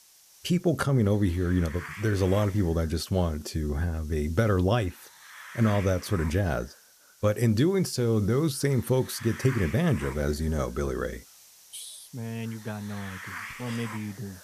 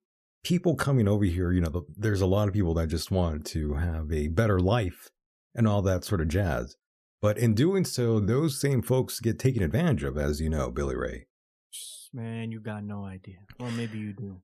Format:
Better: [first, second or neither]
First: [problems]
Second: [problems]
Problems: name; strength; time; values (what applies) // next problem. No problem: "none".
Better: second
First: hiss; noticeable; throughout; 15 dB below the speech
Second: none